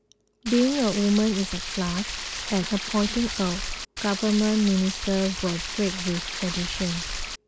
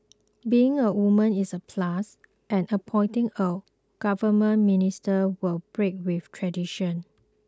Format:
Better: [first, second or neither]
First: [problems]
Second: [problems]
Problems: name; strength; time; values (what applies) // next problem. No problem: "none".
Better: second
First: background sound (Stream); 6 dB below the speech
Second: none